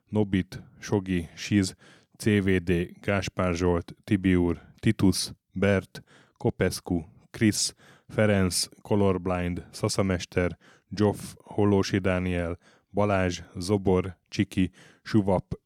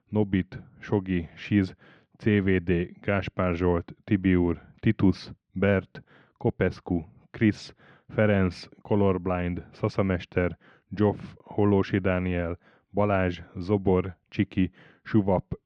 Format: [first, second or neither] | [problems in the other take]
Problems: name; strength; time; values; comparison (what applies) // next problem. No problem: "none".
first | muffled; very; fading above 3 kHz